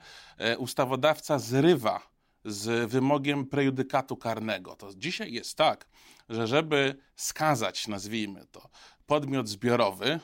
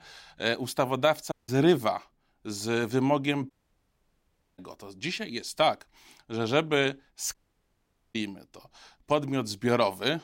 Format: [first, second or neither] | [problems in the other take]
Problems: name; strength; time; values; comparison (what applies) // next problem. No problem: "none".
first | audio cutting out; at 1.5 s, at 3.5 s for 1 s and at 7.5 s for 1 s